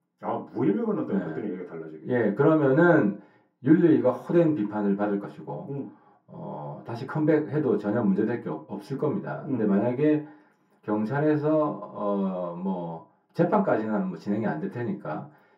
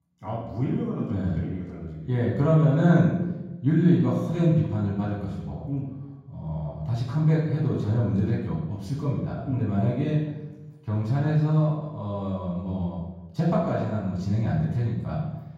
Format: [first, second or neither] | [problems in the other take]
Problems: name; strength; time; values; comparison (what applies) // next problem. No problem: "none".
first | room echo; strong; dies away in 1.3 s; slight in the first // off-mic speech; far; far in the first